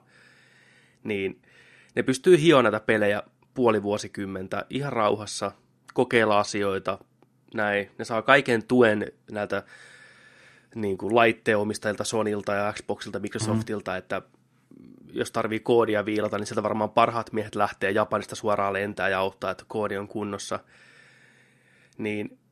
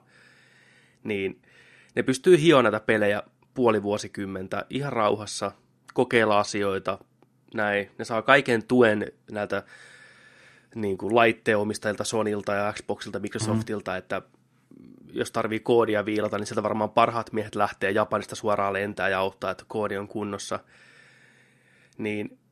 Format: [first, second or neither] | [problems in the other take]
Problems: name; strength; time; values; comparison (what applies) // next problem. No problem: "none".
neither | none